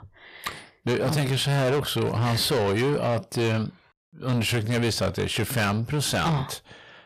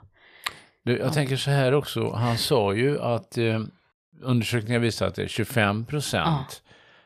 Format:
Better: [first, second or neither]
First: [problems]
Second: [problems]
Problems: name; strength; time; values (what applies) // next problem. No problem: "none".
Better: second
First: distortion; heavy; 8 dB below the speech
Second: none